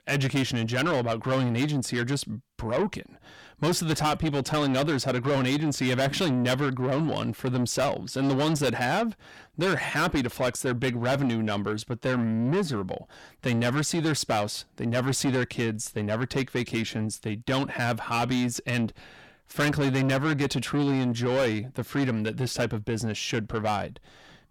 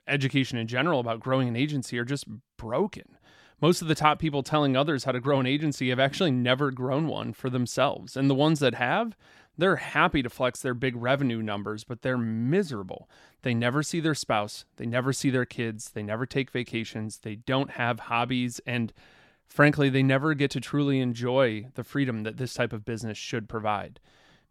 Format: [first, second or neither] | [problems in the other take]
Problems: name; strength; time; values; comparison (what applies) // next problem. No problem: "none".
second | distortion; heavy; 7 dB below the speech